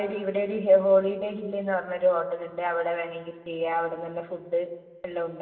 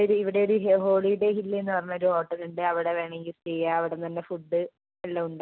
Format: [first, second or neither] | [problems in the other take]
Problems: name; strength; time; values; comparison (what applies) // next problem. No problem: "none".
second | room echo; dies away in 1.8 s